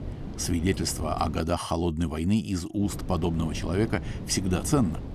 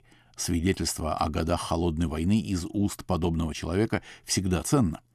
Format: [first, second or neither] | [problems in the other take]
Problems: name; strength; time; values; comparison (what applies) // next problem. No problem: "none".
second | wind noise on the microphone; occasional gusts; until 1.5 s and from 3 s on; 15 dB below the speech